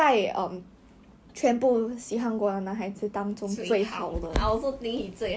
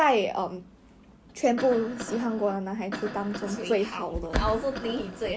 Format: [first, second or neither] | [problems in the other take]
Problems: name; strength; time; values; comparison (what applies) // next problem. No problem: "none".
first | background sound (Cough); 11 dB below the speech